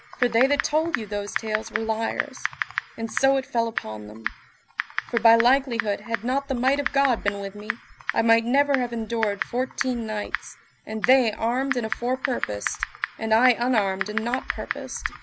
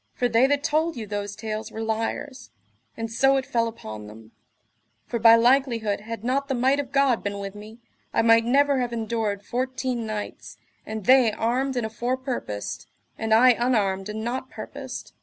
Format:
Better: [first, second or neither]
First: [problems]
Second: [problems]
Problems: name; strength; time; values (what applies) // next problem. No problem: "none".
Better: second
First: background sound (Typing); 8 dB below the speech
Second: none